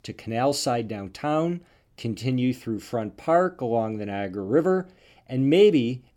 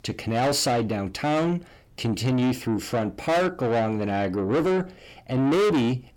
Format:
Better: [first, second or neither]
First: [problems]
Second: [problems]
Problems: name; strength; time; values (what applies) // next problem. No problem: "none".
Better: first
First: none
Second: distortion; heavy; 6 dB below the speech